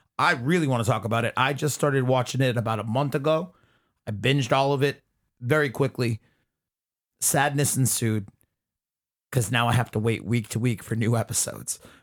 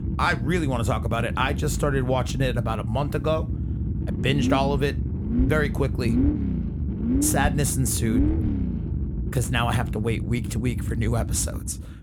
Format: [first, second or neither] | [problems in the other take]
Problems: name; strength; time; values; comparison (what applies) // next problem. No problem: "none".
first | low rumble; loud; throughout; 8 dB below the speech